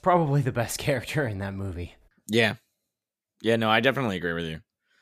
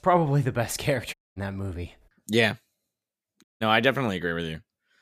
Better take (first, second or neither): first